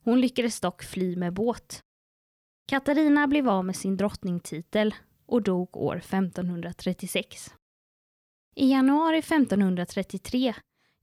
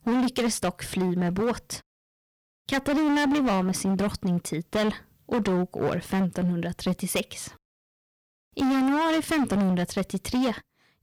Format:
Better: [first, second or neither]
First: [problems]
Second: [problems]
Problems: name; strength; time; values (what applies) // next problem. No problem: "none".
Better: first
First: none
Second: distortion; heavy; 19% of the sound clipped